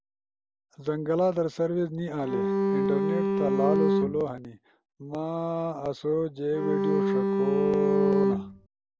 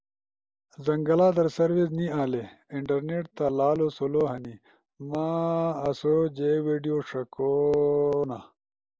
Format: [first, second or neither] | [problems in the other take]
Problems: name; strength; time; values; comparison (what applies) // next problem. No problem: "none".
second | background sound (Bowed string instrument); 4 dB above the speech